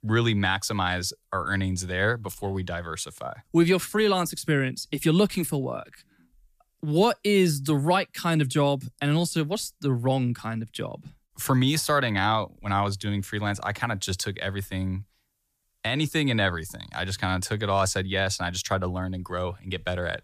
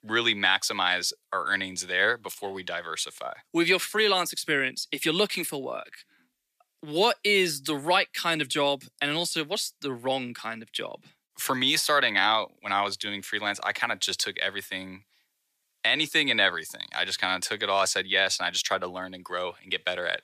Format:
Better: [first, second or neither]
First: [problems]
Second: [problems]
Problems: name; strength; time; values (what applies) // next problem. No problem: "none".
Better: first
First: none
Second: thin; somewhat; fading below 350 Hz